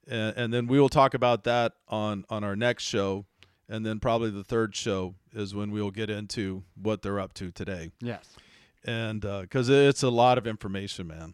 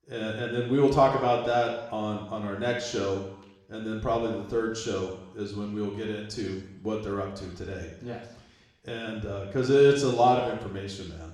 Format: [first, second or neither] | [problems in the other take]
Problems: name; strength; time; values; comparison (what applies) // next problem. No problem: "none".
first | room echo; noticeable; dies away in 0.8 s // off-mic speech; somewhat distant